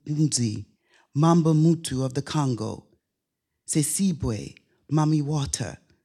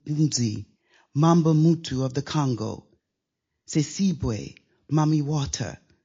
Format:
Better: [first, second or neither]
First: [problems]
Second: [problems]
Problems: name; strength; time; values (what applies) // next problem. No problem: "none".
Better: first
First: none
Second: garbled, watery; slightly; nothing above 6 kHz